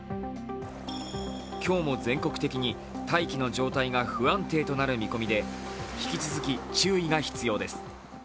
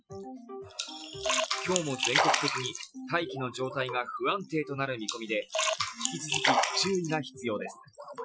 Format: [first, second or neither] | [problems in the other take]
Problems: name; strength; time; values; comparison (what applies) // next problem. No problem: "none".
first | noise reduction (classical method Wiener filter)